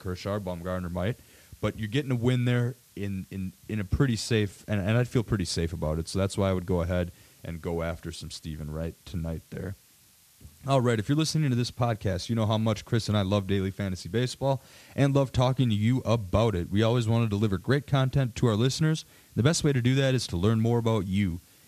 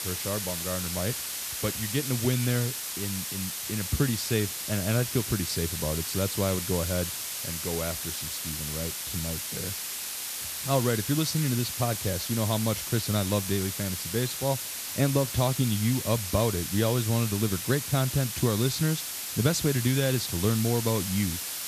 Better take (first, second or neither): first